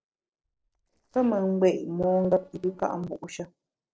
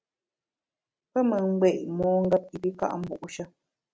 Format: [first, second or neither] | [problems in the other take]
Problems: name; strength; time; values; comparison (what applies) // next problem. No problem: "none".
second | noise reduction (neural separator model SepFormer DNS4)